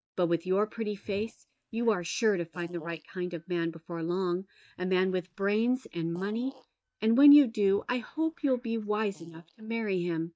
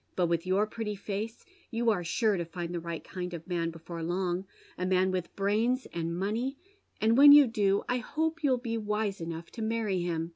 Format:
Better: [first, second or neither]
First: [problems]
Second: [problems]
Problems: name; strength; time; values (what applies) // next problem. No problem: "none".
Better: second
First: noise reduction (neural mask model DeepFilterNet 3)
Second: none